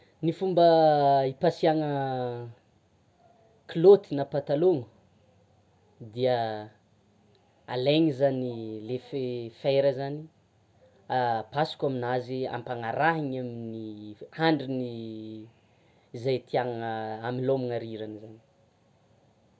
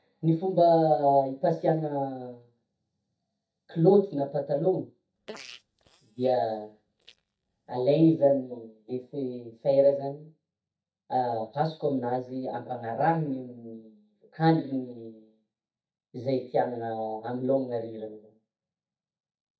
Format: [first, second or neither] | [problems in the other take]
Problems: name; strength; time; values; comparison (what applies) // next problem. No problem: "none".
first | noise reduction (neural mask model DeepFilterNet 3)